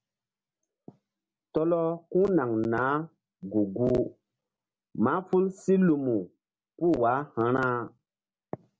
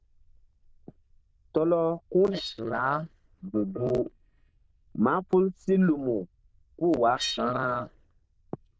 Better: first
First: none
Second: noise reduction (neural diffusion model UNIVERSE++)

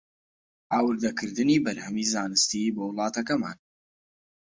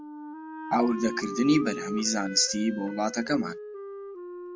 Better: first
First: none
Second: background sound (Wind instrument, woodwind instrument); 10 dB below the speech

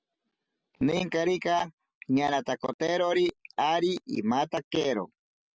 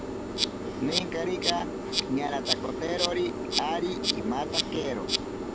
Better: first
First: none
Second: background sound (Insect); 2 dB above the speech

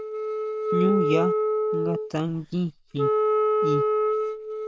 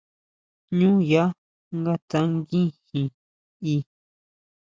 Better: second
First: background sound (Wind instrument, woodwind instrument); 5 dB above the speech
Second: none

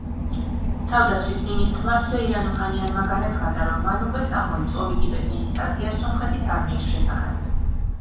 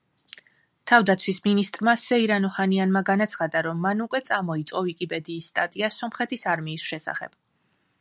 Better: second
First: background sound (Engine / Boat, Water vehicle); 4 dB above the speech // room echo; dies away in 0.7 s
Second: none

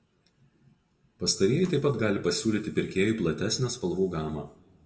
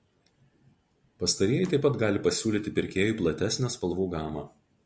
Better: second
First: room echo; dies away in 1.4 s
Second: none

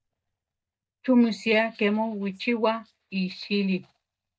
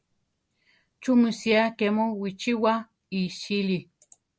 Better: second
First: noise reduction (neural mask model DeepFilterNet 3)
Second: none

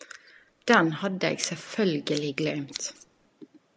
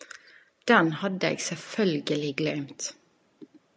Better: second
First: background sound (Scissors); 16 dB below the speech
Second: none

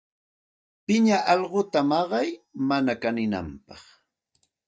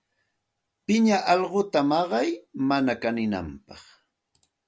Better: second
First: noise reduction (neural mask model DeepFilterNet 3)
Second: none

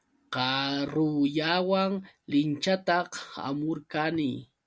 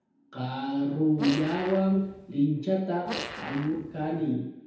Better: first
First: none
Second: background sound (Fart); 11 dB below the speech // room echo; dies away in 1 s

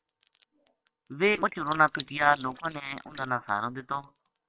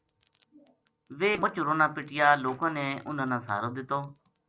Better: second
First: noise reduction (neural separator model SepFormer WHAM!)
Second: none

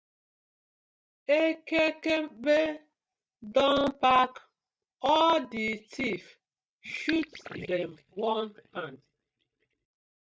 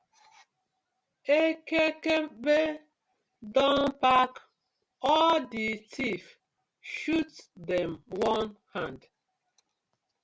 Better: second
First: noise reduction (neural mask model DeepFilterNet 3)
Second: none

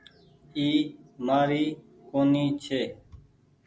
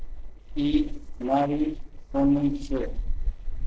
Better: first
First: none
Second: noise reduction (neural separator model SepFormer DNS4)

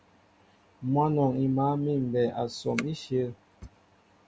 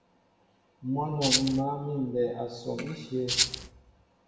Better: first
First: none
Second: background sound (Rattle (instrument)); 3 dB above the speech // room echo; dies away in 1.1 s

